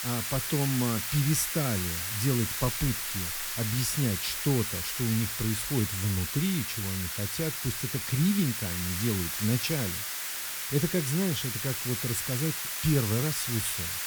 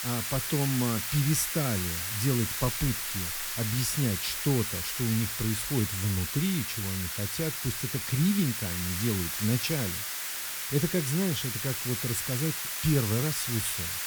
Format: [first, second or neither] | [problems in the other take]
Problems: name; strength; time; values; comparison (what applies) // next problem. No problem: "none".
neither | hiss; loud; throughout; 1 dB below the speech; the same in both